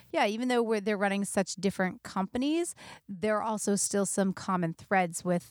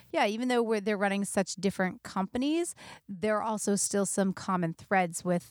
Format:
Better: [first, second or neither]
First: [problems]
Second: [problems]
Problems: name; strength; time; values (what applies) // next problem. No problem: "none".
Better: neither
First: none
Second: none